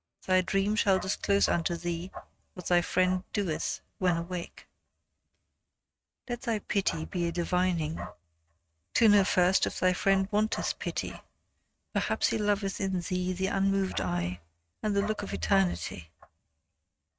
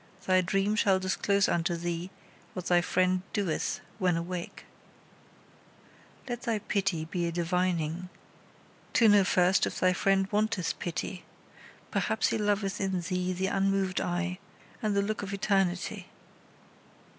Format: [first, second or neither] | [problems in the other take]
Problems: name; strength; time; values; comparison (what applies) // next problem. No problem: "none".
second | noise reduction (neural mask model RNNoise)